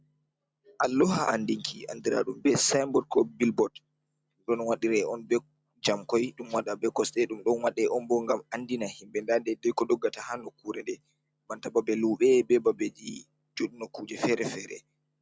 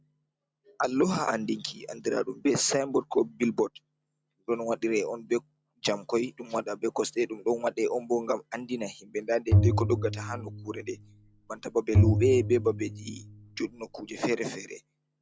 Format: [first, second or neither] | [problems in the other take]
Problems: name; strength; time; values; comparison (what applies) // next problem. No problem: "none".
first | background sound (Bowed string instrument); 2 dB above the speech